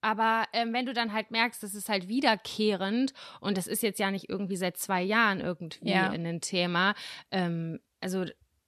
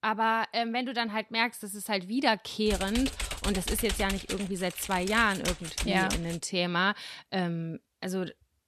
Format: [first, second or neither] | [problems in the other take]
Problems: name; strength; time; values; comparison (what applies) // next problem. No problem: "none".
first | keyboard typing; noticeable; from 2.5 to 6.5 s; peak 3 dB below the speech